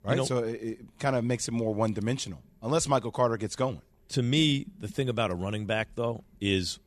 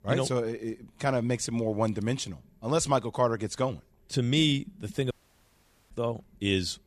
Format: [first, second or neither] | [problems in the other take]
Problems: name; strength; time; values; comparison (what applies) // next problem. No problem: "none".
first | audio cutting out; at 5 s for 1 s